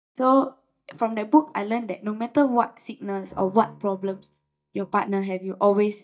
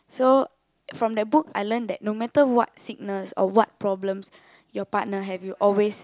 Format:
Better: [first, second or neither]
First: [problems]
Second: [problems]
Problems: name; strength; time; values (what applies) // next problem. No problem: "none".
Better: second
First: noise reduction (neural mask model DeepFilterNet 3)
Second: none